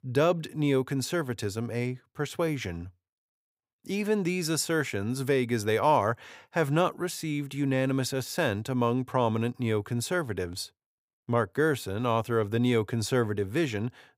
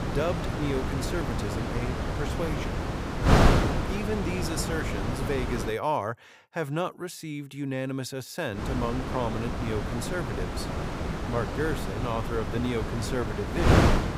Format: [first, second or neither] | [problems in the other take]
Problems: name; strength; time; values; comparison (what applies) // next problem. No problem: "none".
first | wind noise on the microphone; heavy; until 5.5 s and from 8.5 s on; 2 dB above the speech